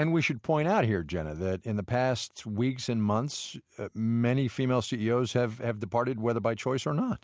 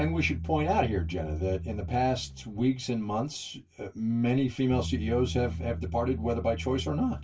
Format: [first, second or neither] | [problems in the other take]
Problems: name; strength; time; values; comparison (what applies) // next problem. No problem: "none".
first | background sound (Bass guitar); 8 dB below the speech // room echo; dies away in 0.1 s